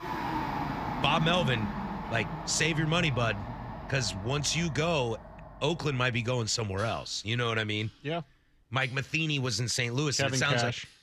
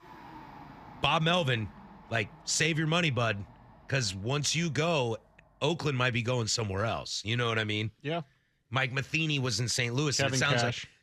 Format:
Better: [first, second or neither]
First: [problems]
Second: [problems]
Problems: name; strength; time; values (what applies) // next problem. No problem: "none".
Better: second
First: household noises; loud; throughout; 8 dB below the speech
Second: household noises; faint; throughout; 25 dB below the speech